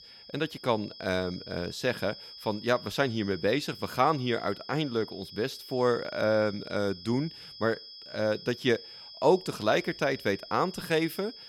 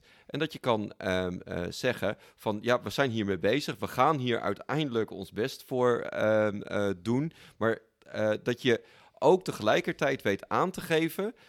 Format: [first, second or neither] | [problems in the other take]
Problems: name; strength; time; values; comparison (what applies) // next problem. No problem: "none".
second | high-pitched whine; noticeable; throughout; 5 kHz, 15 dB below the speech